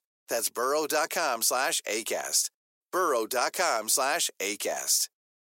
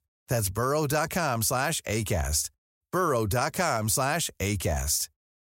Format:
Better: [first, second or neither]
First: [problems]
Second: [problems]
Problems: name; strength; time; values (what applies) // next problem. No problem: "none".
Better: second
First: thin; very; fading below 300 Hz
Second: none